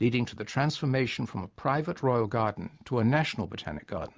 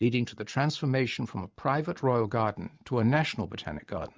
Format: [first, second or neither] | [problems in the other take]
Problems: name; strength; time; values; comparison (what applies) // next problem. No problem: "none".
first | noise reduction (neural mask model DeepFilterNet 3)